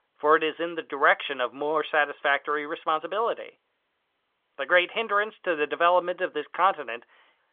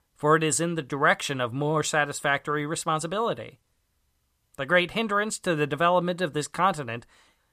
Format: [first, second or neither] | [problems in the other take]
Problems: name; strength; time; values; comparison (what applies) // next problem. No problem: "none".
second | phone-call audio; nothing above 3.5 kHz